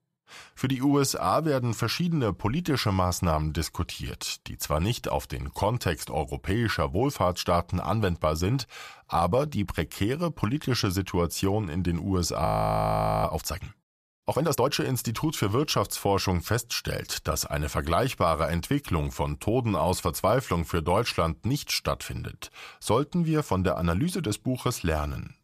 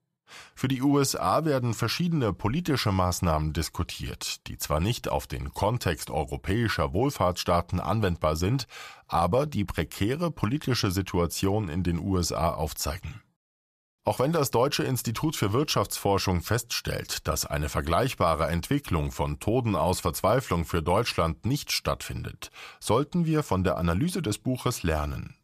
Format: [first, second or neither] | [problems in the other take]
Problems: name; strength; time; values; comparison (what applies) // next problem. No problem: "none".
second | audio freezing; at 12 s for 1 s